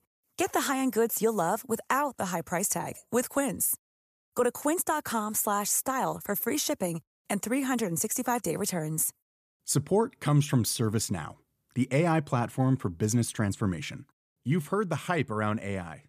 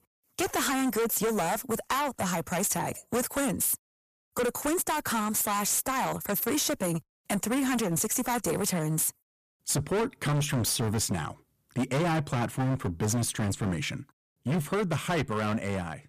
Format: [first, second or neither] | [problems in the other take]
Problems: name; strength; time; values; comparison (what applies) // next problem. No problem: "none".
first | distortion; heavy; 20% of the sound clipped